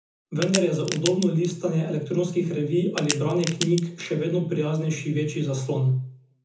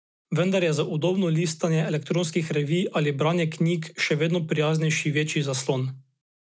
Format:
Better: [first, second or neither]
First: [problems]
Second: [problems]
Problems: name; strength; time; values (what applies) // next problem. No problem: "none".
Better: second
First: background sound (Crack); 8 dB below the speech // room echo; dies away in 0.6 s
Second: none